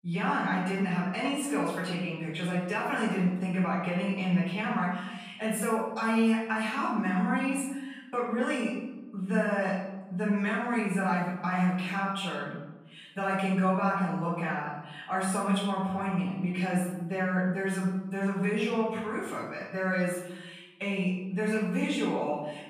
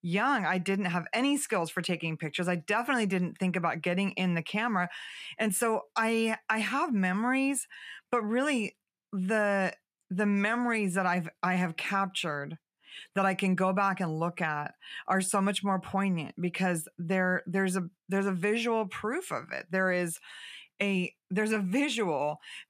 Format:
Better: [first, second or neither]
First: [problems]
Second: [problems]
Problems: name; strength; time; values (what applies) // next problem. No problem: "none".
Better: second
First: off-mic speech; far // room echo; noticeable; dies away in 0.9 s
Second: none